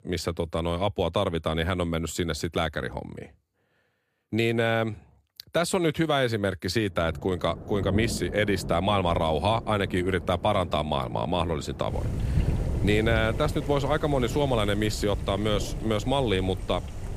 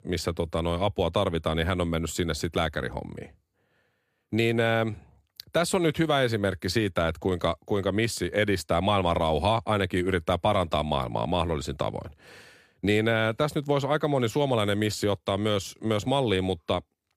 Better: second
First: rain or running water; loud; from 7.5 s on; 8 dB below the speech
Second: none

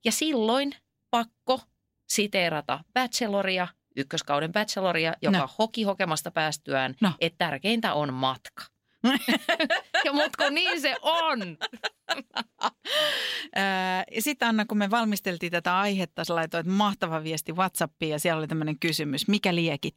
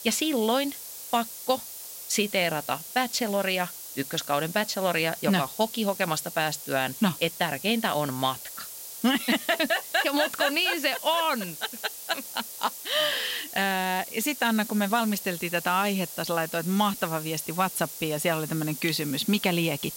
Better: first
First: none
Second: hiss; noticeable; throughout; 10 dB below the speech

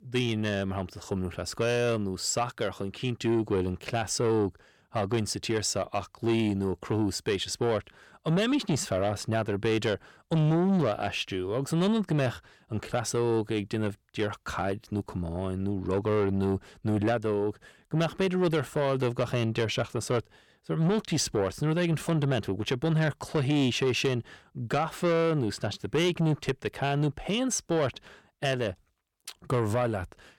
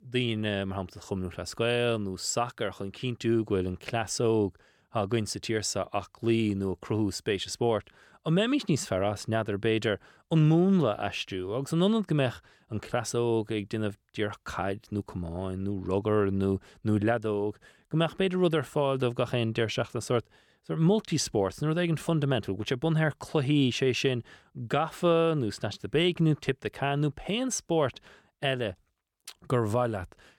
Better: second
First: distortion; slight; 10 dB below the speech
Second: none

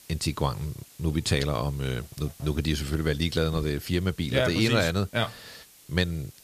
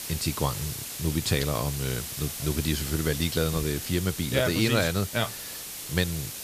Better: first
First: hiss; faint; throughout; 25 dB below the speech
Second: hiss; loud; throughout; 6 dB below the speech

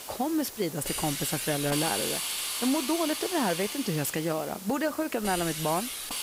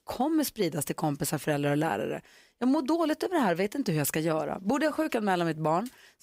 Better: second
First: hiss; loud; throughout; 2 dB below the speech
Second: none

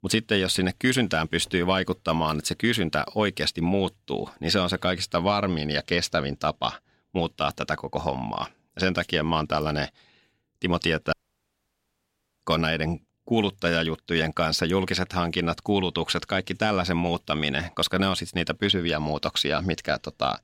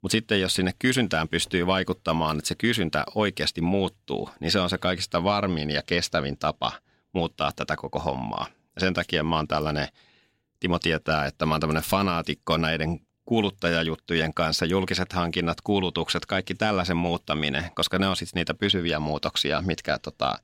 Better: second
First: audio cutting out; at 11 s for 1.5 s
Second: none

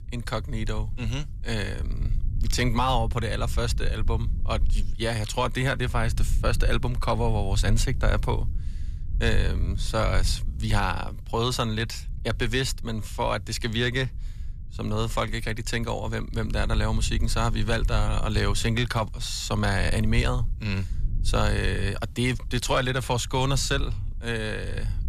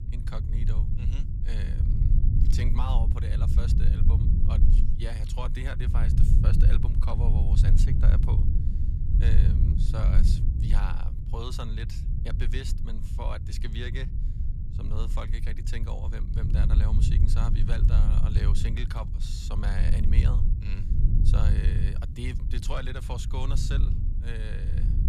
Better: first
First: low rumble; faint; throughout; 20 dB below the speech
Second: low rumble; loud; throughout; 2 dB below the speech

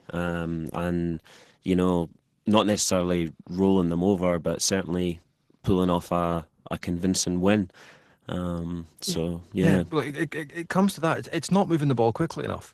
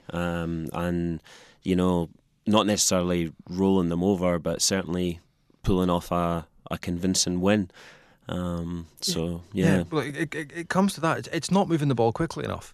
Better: second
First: garbled, watery; slightly; nothing above 13.5 kHz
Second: none

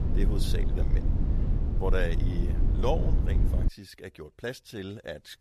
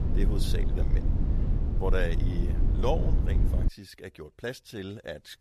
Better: neither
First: low rumble; loud; until 3.5 s; 5 dB below the speech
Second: low rumble; loud; until 3.5 s; 5 dB below the speech

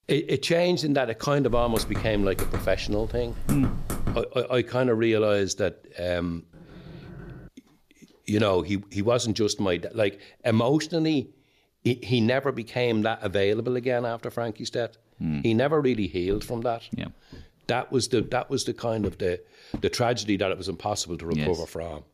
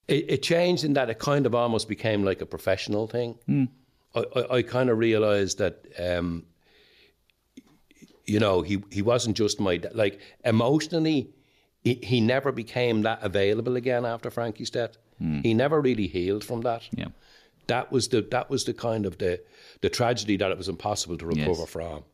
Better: second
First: keyboard typing; noticeable; from 1.5 to 4 s; peak 5 dB below the speech // door banging; faint; at 6.5 s; peak 15 dB below the speech // footsteps; faint; from 16 to 20 s; peak 10 dB below the speech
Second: none

